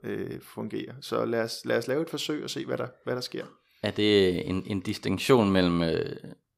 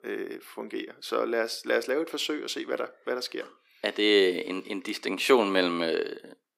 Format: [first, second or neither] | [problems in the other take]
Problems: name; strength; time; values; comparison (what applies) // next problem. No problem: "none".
first | thin; very slightly; fading below 300 Hz